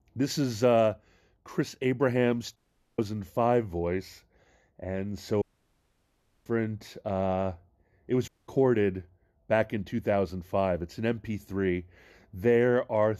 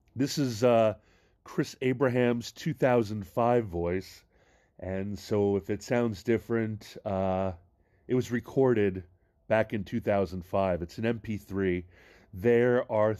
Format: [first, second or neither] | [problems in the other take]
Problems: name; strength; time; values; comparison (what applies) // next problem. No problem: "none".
second | audio cutting out; at 2.5 s, at 5.5 s for 1 s and at 8.5 s